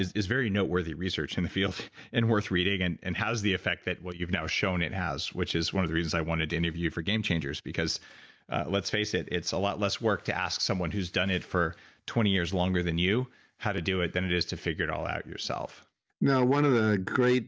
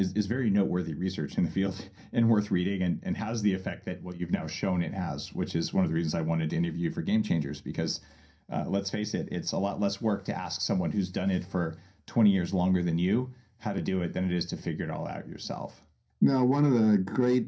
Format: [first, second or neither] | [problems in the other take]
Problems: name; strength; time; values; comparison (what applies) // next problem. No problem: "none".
first | room echo; dies away in 0.3 s